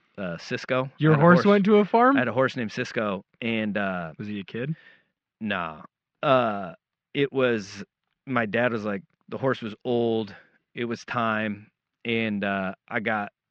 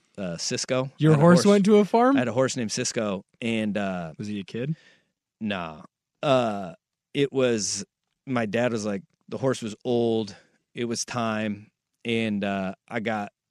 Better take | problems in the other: second | muffled; very; fading above 4 kHz

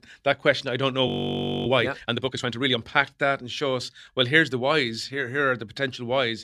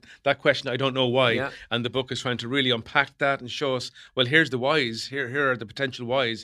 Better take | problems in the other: second | audio freezing; at 1 s for 0.5 s

